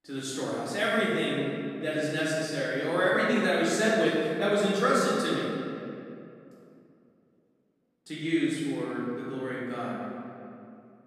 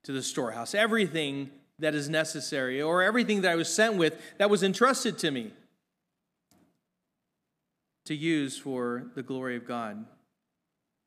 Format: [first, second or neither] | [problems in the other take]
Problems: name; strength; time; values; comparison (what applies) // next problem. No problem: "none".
second | room echo; strong; dies away in 2.3 s // off-mic speech; far